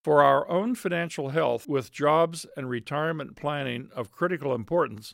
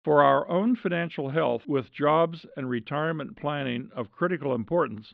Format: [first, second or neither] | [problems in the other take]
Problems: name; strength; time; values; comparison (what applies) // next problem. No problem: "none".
first | muffled; very; fading above 3.5 kHz